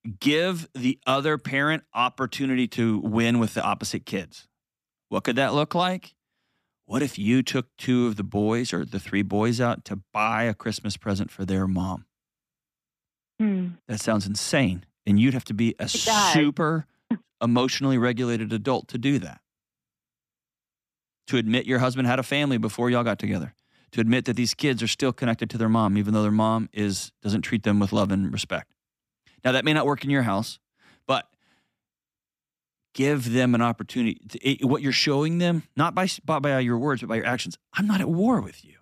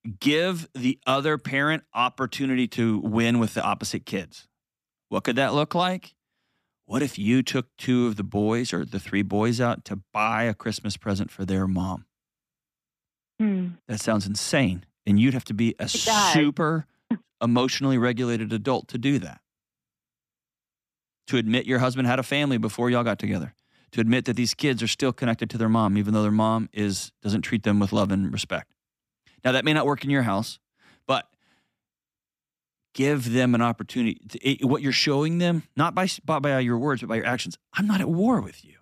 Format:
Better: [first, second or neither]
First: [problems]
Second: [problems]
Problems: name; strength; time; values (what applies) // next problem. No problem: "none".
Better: neither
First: none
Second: none